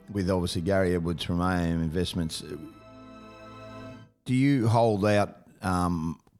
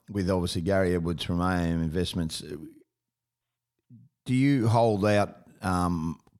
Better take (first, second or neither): second